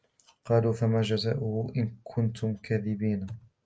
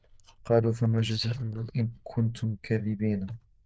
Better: first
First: none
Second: noise reduction (neural diffusion model UNIVERSE++)

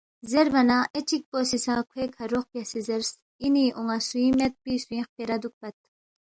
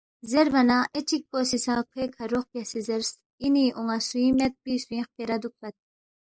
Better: first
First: none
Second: noise reduction (neural mask model Resemble Enhance denoiser)

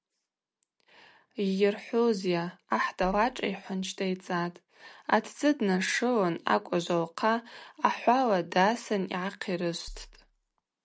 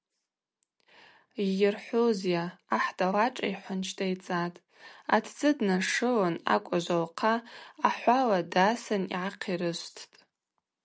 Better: second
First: background sound (Bass drum); 19 dB below the speech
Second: none

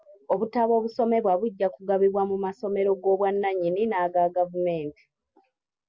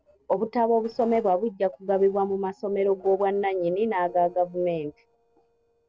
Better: first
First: none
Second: noise reduction (neural separator model SepFormer DNS4)

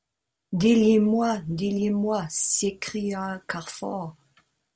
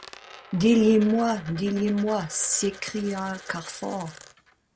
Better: first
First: none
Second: background sound (Coin (dropping)); 19 dB below the speech

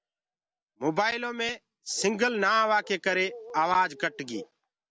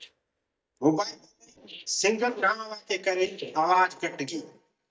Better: first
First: none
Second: noise reduction (neural mask model DeepFilterNet 3)

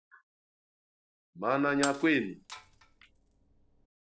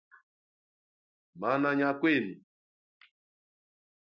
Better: second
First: background sound (Shatter); 11 dB below the speech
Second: none

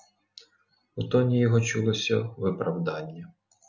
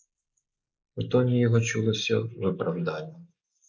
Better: first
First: none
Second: noise reduction (neural mask model Resemble Enhance denoiser)

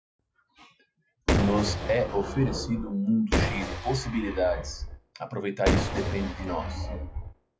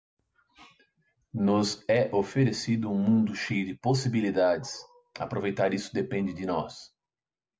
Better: second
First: noise reduction (classical method log-MMSE)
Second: none

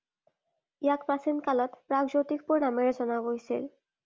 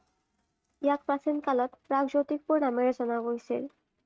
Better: first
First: none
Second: noise reduction (neural mask model RNNoise)

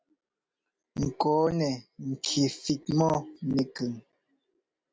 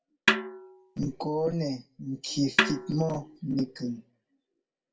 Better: first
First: none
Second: background sound (Snare drum); as loud as the speech // room echo; dies away in 0.1 s

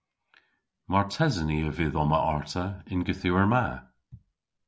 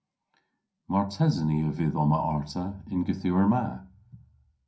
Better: first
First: none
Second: room echo; dies away in 0.3 s

